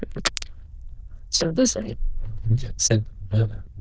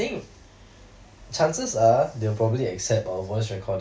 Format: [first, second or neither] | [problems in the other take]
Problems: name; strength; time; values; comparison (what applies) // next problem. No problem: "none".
second | noise reduction (neural diffusion model UNIVERSE++)